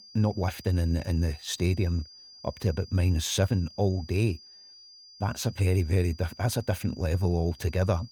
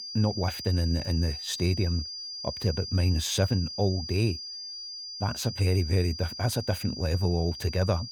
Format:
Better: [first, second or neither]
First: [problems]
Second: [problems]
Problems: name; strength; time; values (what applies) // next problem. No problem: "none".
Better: first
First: high-pitched whine; faint; throughout; 5 kHz, 20 dB below the speech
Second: high-pitched whine; loud; throughout; 5 kHz, 8 dB below the speech